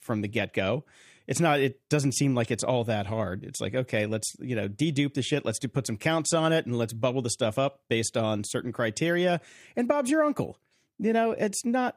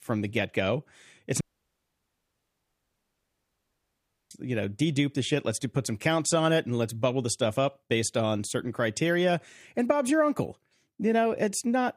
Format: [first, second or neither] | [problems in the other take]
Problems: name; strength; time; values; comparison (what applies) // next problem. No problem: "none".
first | audio cutting out; at 1.5 s for 3 s